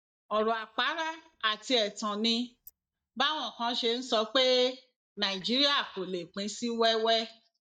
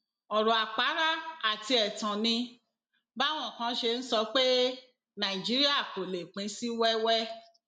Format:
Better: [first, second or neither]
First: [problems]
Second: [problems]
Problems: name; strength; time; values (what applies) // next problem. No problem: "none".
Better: second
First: noise reduction (neural mask model DeepFilterNet 3)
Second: none